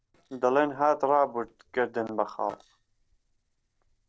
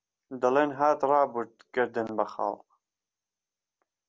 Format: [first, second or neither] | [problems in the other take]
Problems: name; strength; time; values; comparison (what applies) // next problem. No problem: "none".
second | noise reduction (neural separator model SepFormer DNS4)